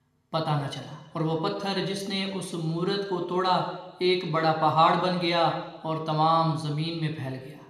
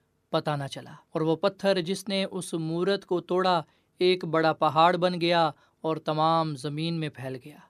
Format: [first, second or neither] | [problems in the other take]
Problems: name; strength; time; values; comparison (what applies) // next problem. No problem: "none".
second | room echo; slight; dies away in 1 s